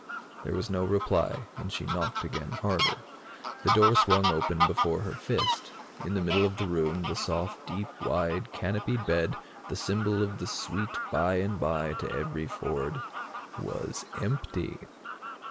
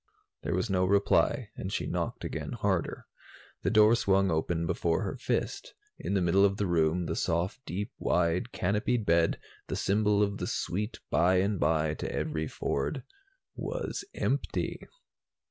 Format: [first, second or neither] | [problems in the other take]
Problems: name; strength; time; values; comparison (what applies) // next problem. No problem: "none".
second | background sound (Fowl); 4 dB below the speech